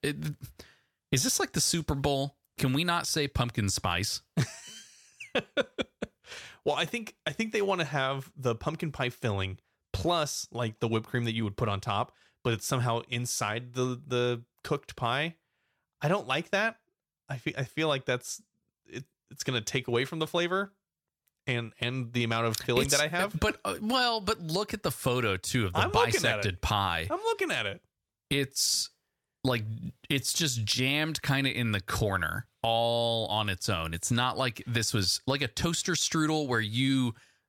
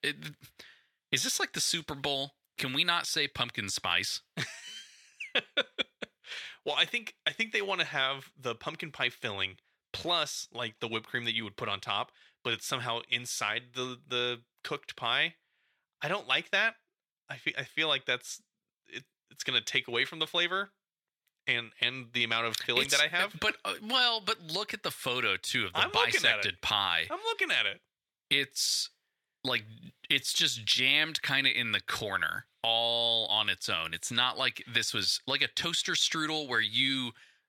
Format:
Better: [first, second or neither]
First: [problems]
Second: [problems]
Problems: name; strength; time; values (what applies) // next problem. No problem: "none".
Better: first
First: none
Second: thin; somewhat; fading below 300 Hz